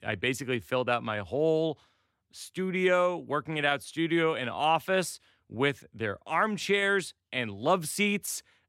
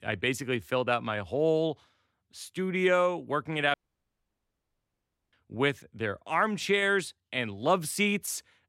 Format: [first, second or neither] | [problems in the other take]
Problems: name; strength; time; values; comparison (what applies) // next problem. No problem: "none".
first | audio cutting out; at 3.5 s for 1.5 s